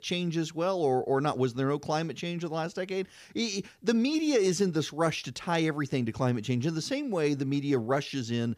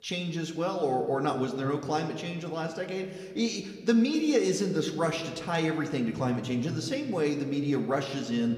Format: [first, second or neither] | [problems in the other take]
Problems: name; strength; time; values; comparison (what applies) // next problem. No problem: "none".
first | room echo; slight; dies away in 1.2 s